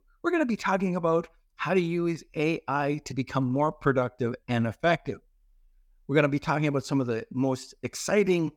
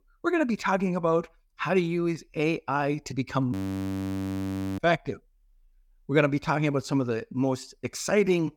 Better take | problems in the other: first | audio freezing; at 3.5 s for 1.5 s

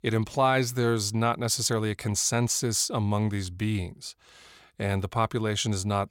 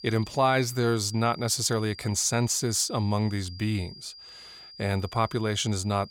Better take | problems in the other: first | high-pitched whine; noticeable; throughout; 5 kHz, 20 dB below the speech

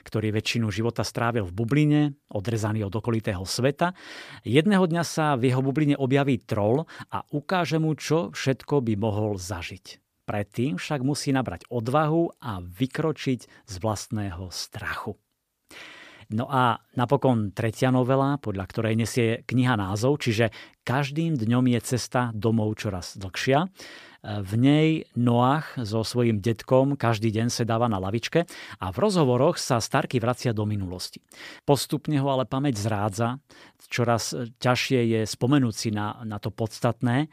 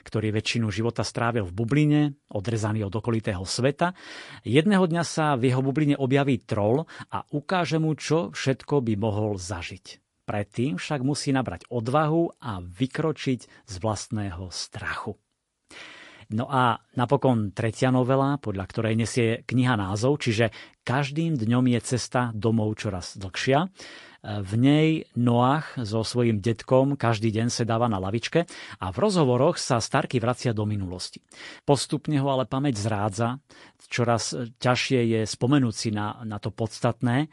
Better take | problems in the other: first | garbled, watery; slightly

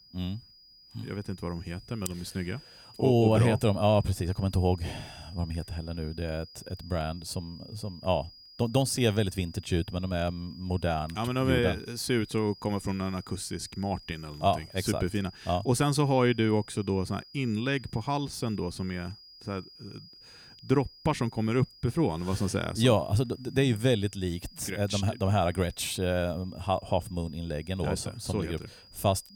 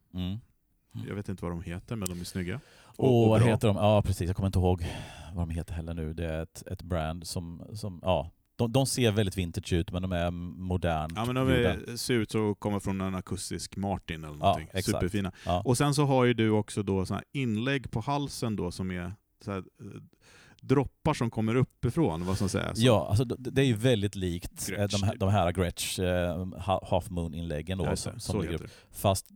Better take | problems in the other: second | high-pitched whine; faint; throughout; 5 kHz, 20 dB below the speech

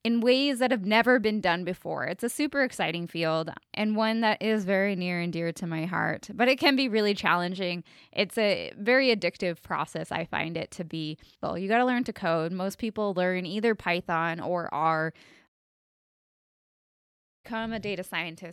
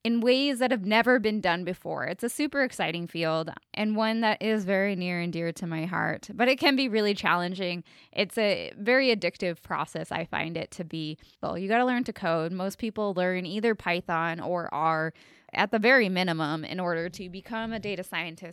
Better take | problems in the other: second | audio cutting out; at 15 s for 2 s

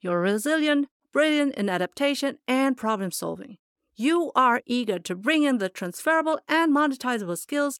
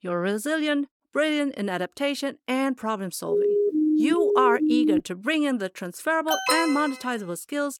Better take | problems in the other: first | siren; loud; from 3.5 to 5 s; peak 5 dB above the speech // alarm; loud; at 6.5 s; peak 2 dB above the speech

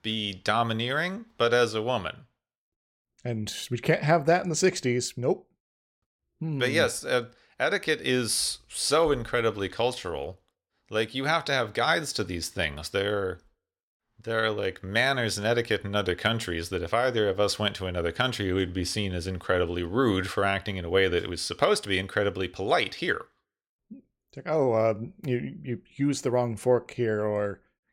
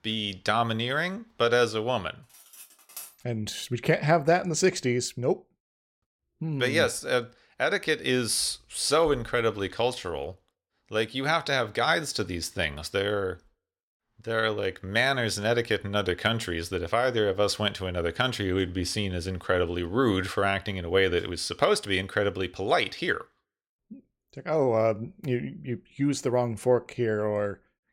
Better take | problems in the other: first | clattering dishes; faint; at 2.5 s; peak 15 dB below the speech

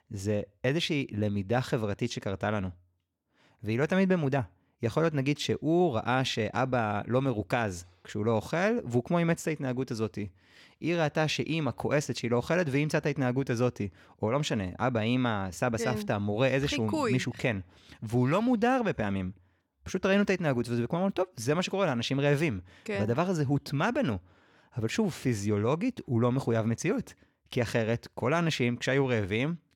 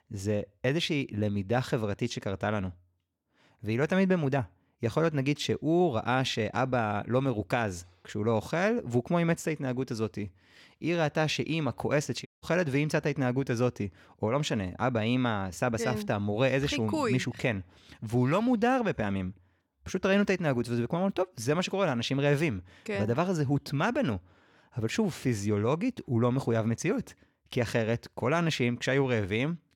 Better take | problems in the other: first | audio cutting out; at 12 s

